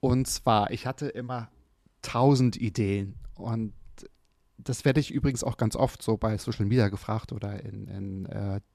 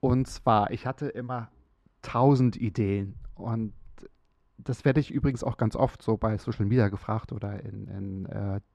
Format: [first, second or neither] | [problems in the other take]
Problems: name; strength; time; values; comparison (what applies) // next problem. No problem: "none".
first | muffled; slightly; fading above 1.5 kHz